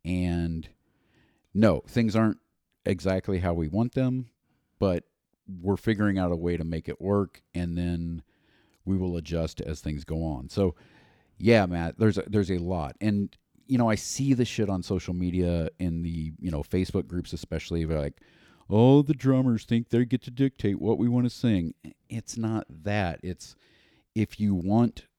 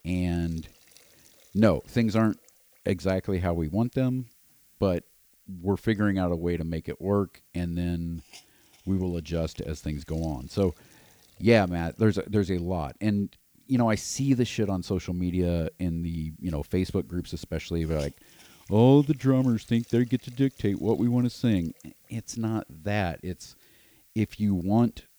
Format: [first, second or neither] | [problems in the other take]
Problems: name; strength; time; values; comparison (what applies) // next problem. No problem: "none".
first | hiss; faint; throughout; 30 dB below the speech